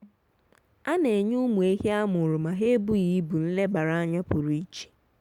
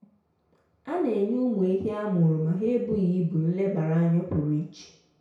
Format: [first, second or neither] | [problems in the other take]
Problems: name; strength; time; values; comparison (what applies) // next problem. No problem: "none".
first | room echo; dies away in 0.6 s